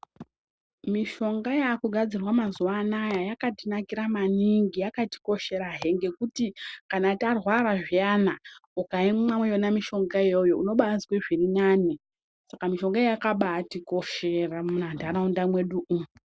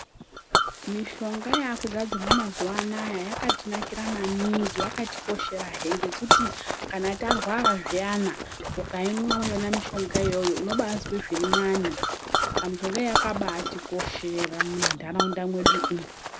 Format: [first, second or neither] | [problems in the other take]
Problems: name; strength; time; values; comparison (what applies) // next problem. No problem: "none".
first | background sound (Run + Chink, clink); 1 dB above the speech